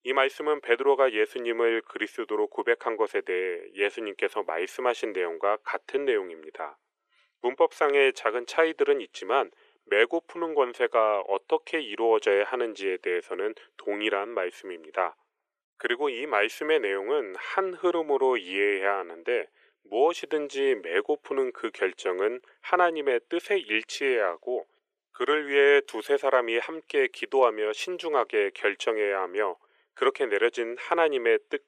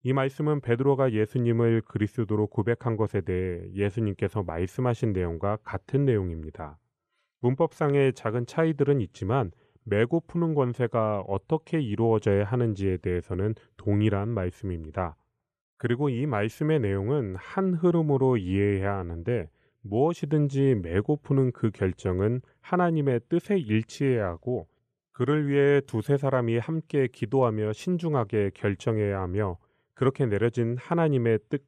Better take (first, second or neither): second